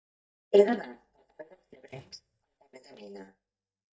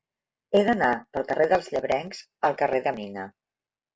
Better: second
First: noise reduction (neural mask model DeepFilterNet 3)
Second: none

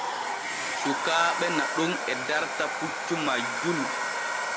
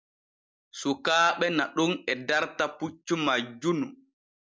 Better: second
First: background sound (Domestic sounds, home sounds); as loud as the speech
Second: none

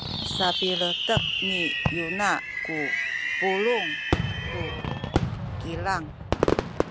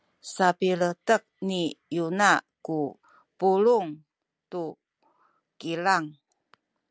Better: second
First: background sound (Fireworks); 3 dB above the speech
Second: none

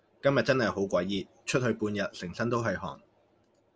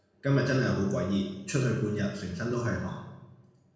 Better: first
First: none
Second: room echo; dies away in 1 s

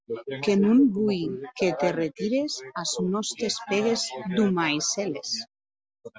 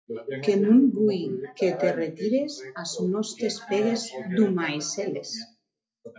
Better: first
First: none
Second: room echo; dies away in 0.3 s

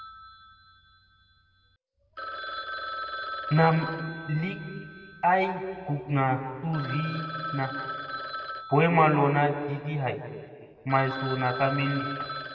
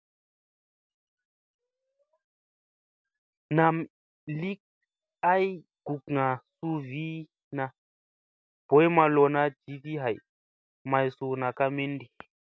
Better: second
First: background sound (Telephone); 10 dB below the speech // room echo; dies away in 2.1 s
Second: none

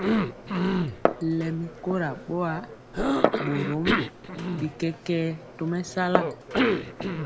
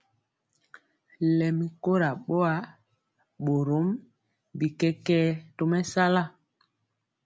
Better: second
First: background sound (Glass + Cough); 3 dB above the speech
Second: none

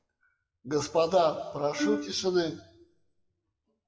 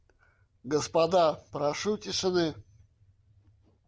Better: second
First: noise reduction (classical method WPE with log-MMSE)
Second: none

